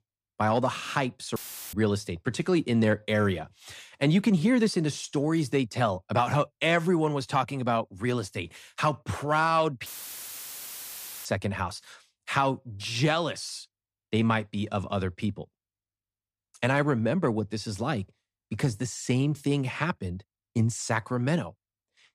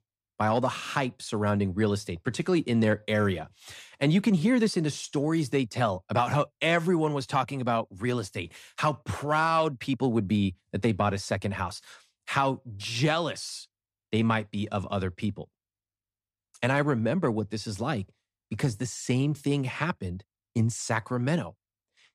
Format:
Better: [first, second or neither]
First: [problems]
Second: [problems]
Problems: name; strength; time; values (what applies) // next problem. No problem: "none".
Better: second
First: audio cutting out; filled with static; at 1.5 s and at 10 s for 1.5 s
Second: none